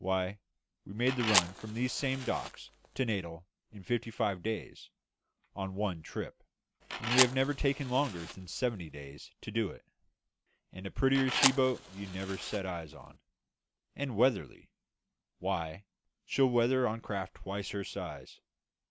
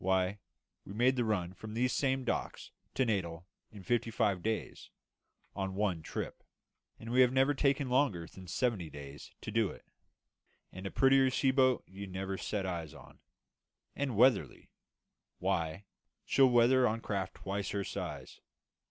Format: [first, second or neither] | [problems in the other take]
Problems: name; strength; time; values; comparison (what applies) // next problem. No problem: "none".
second | background sound (Fire); 2 dB below the speech